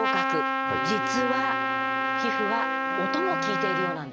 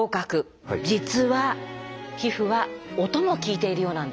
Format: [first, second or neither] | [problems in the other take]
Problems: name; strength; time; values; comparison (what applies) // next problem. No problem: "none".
second | background sound (Trumpet); 4 dB above the speech